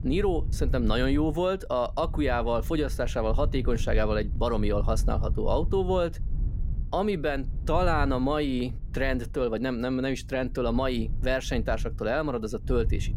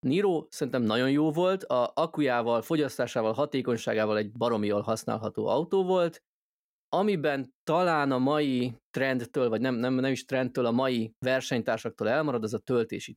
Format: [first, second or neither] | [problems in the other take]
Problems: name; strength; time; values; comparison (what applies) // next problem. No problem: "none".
second | low rumble; faint; throughout; 20 dB below the speech